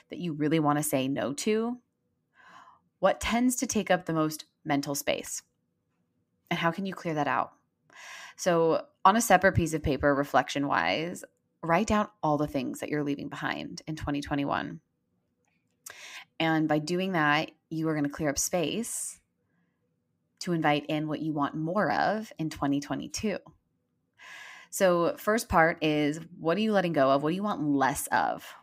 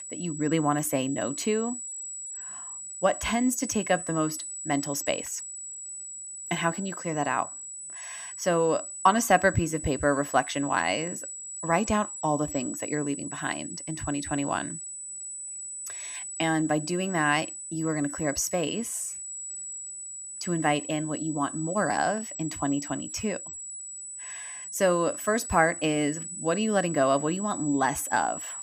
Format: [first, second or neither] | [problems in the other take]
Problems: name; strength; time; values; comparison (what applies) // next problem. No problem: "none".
first | high-pitched whine; loud; throughout; 8 kHz, 8 dB below the speech